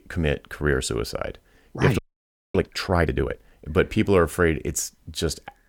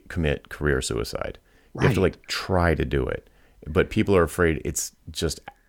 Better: second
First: audio freezing; at 2 s for 0.5 s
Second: none

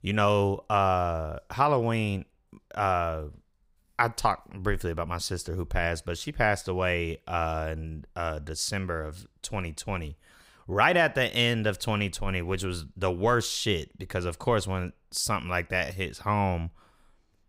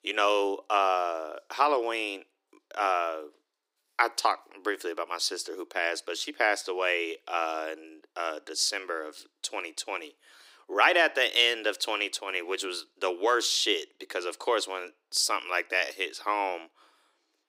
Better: first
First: none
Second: thin; very; fading below 300 Hz

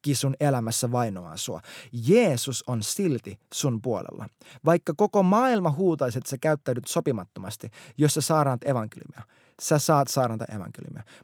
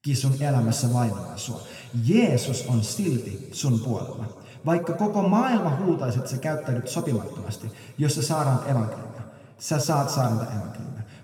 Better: first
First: none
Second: room echo; noticeable; dies away in 1.8 s // off-mic speech; somewhat distant

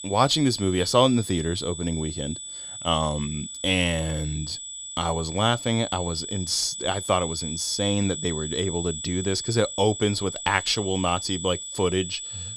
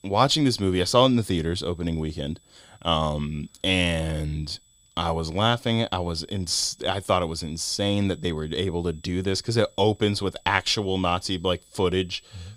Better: second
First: high-pitched whine; loud; throughout; 8 kHz, 8 dB below the speech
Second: high-pitched whine; faint; throughout; 8 kHz, 30 dB below the speech

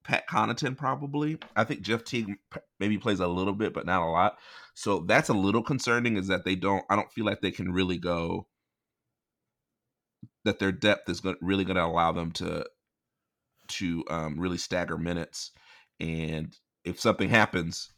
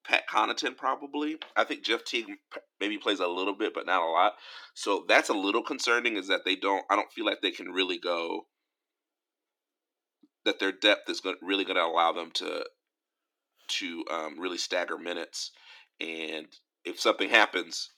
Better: first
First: none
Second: thin; somewhat; fading below 300 Hz

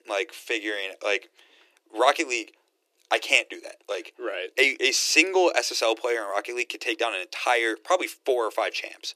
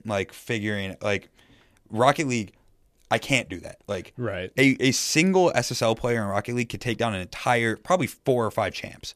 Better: second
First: thin; very; fading below 300 Hz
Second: none

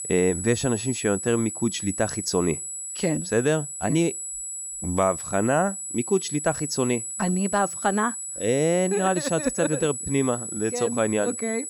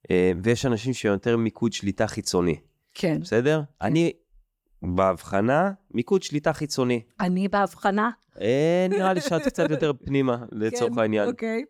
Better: second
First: high-pitched whine; loud; throughout; 8 kHz, 6 dB below the speech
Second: none

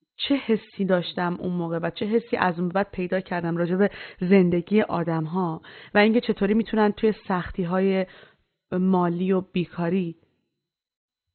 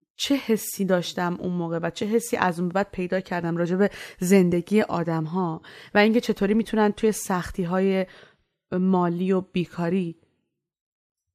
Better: second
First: garbled, watery; badly; nothing above 4 kHz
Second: none

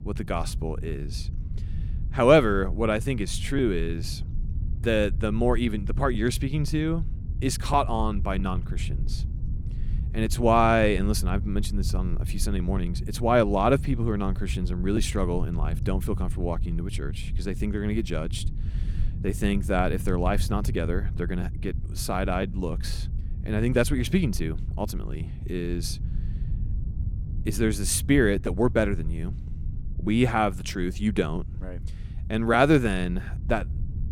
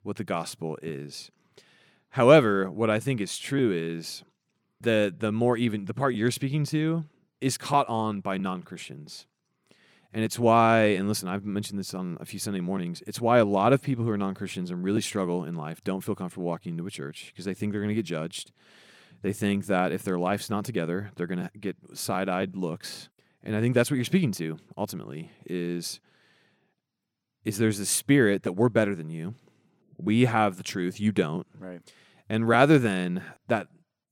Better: second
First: low rumble; faint; throughout; 20 dB below the speech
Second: none

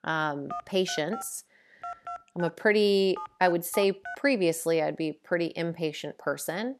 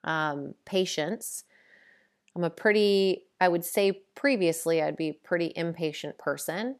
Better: second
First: phone ringing; faint; until 4 s; peak 10 dB below the speech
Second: none

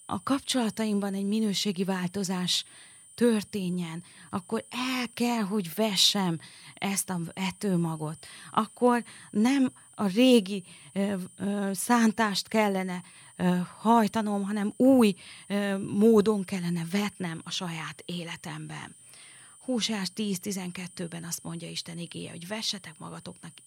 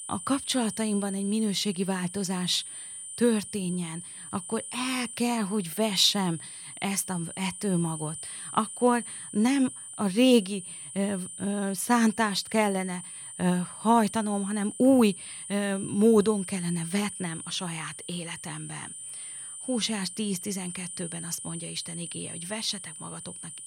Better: first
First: high-pitched whine; faint; throughout; 9 kHz, 25 dB below the speech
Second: high-pitched whine; loud; throughout; 9 kHz, 10 dB below the speech

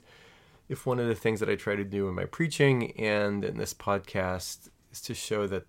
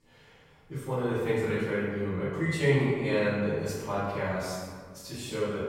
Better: first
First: none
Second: off-mic speech; far // room echo; strong; dies away in 1.5 s

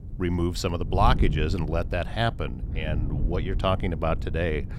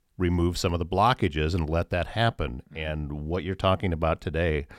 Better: second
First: wind noise on the microphone; occasional gusts; 15 dB below the speech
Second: none

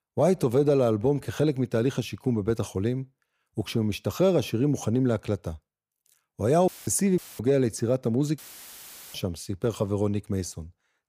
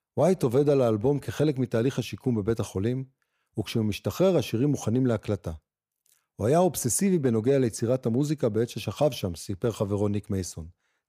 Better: second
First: audio cutting out; filled with static; at 6.5 s, at 7 s and at 8.5 s for 1 s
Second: none

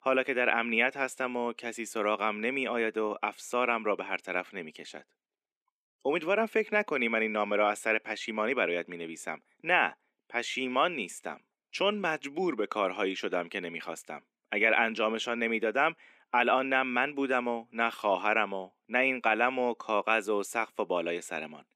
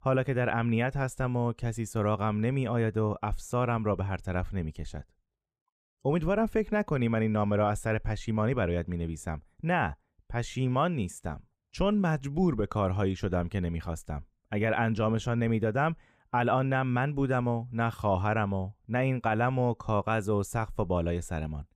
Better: second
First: thin; somewhat; fading below 250 Hz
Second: none

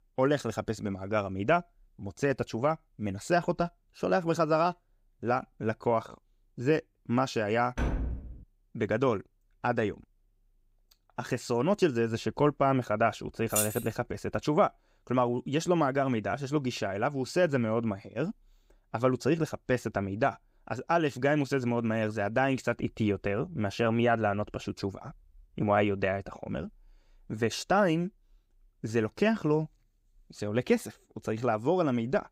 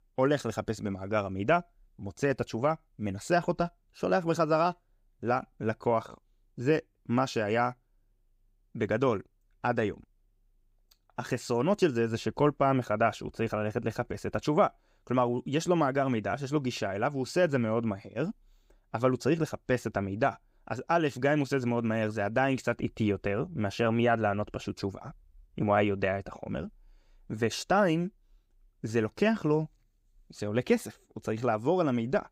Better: second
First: door banging; noticeable; at 8 s; peak 3 dB below the speech // jangling keys; loud; at 14 s; peak level with the speech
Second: none

